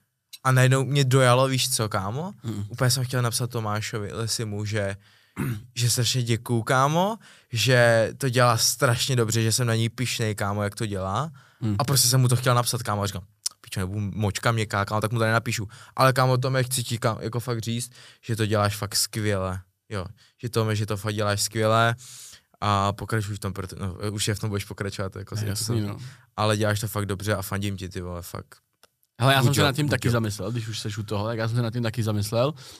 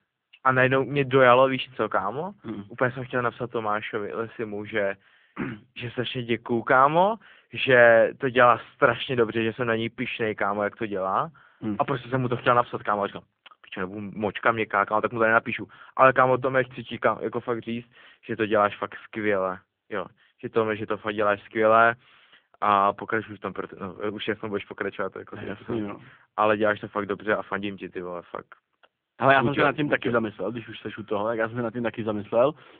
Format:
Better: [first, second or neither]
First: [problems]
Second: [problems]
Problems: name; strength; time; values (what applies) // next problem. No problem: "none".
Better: first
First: none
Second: phone-call audio; poor line; nothing above 3.5 kHz